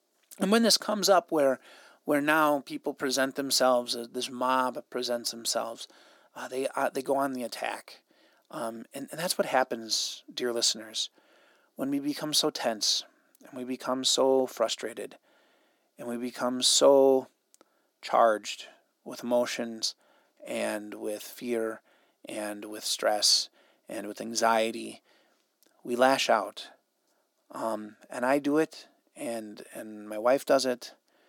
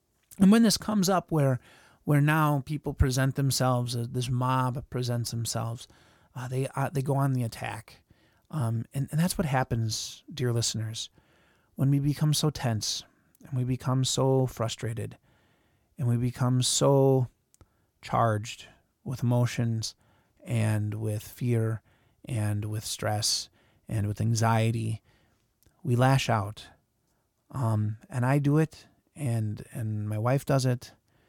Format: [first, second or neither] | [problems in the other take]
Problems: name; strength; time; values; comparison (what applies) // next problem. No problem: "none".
second | thin; somewhat; fading below 250 Hz